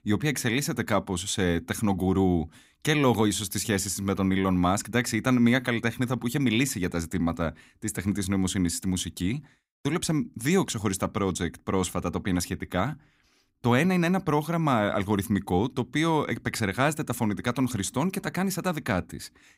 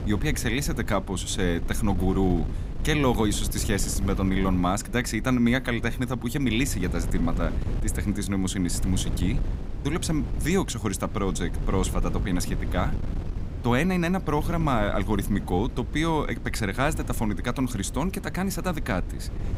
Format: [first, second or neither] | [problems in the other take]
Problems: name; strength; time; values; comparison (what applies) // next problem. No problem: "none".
first | wind noise on the microphone; occasional gusts; 15 dB below the speech